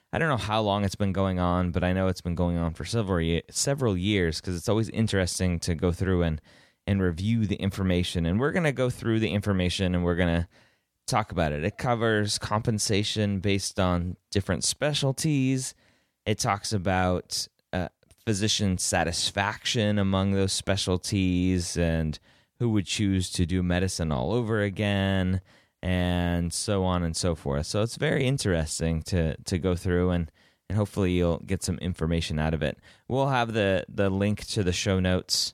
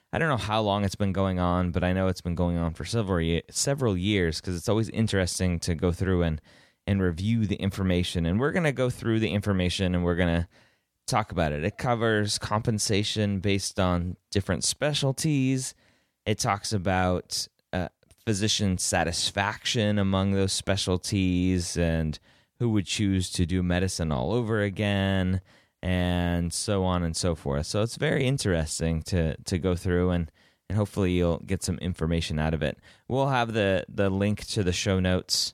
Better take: neither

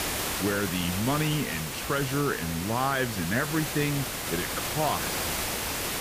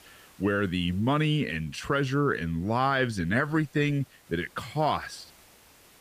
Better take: second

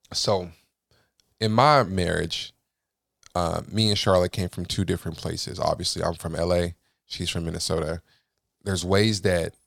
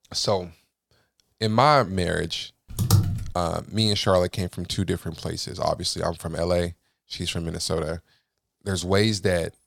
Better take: first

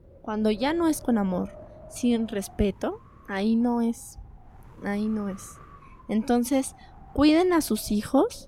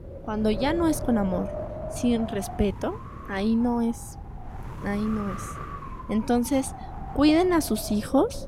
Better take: first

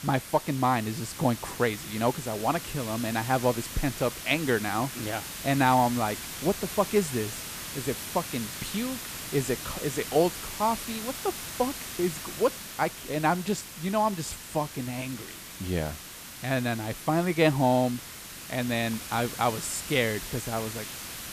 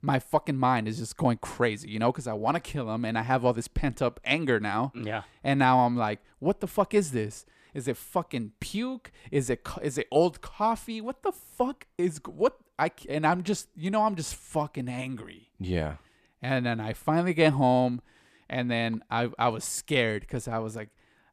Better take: second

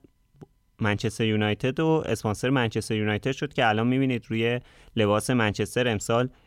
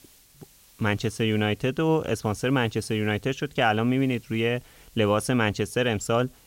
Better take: first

